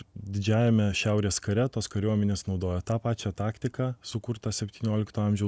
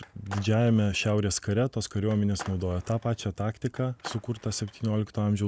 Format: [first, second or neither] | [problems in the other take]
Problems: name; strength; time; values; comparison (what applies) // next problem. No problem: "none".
first | background sound (Skateboard); 18 dB below the speech